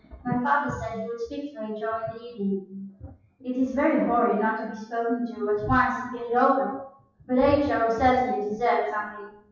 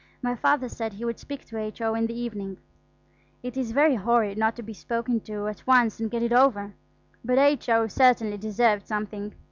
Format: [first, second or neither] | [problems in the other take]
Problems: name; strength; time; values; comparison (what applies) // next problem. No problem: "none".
second | noise reduction (classical method WPE with log-MMSE)